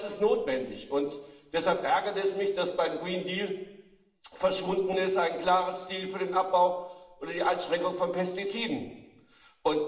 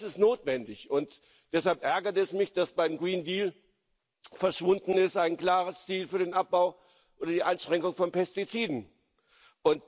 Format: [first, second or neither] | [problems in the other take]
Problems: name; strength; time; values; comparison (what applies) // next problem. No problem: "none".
second | room echo; dies away in 0.9 s